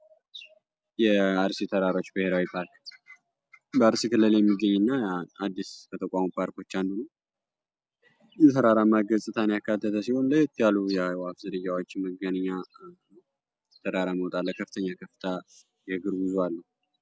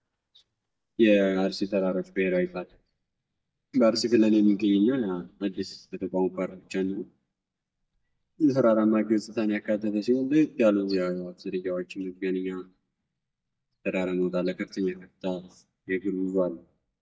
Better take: first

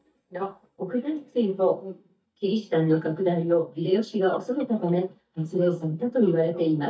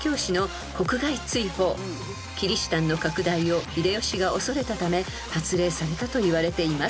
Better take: second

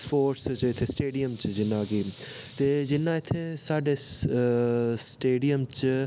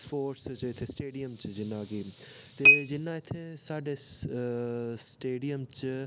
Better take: first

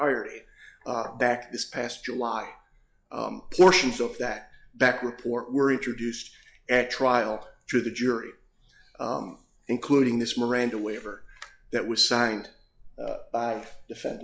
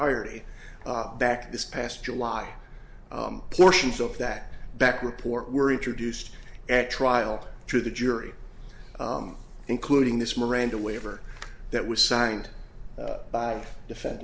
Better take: second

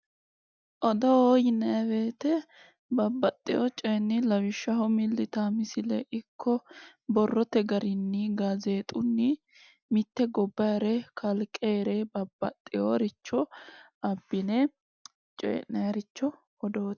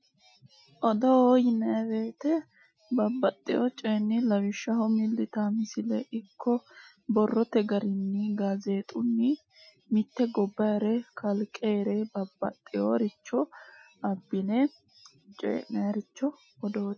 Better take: first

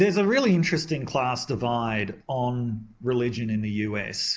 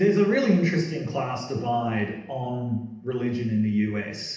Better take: first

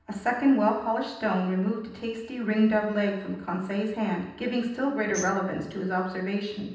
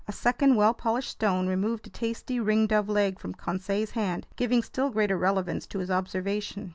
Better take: second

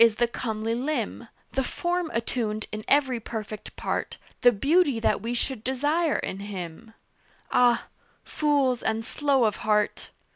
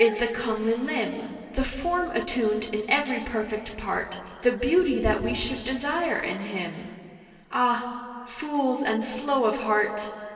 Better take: first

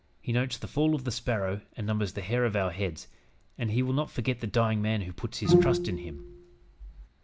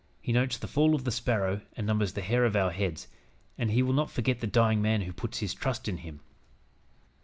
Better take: second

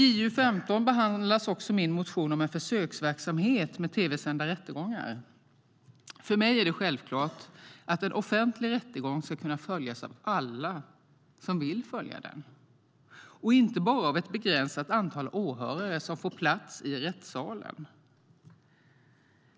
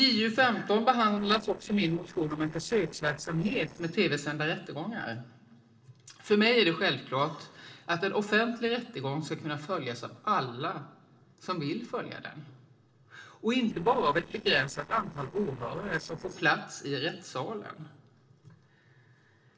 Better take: first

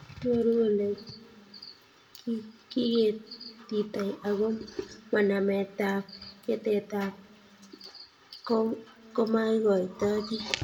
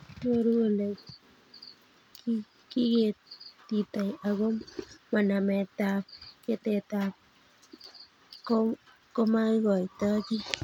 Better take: second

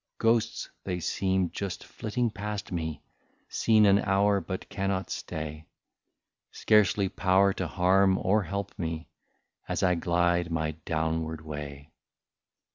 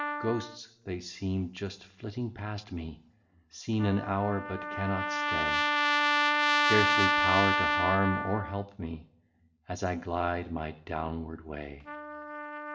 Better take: first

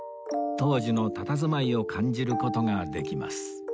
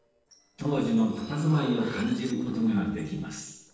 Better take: first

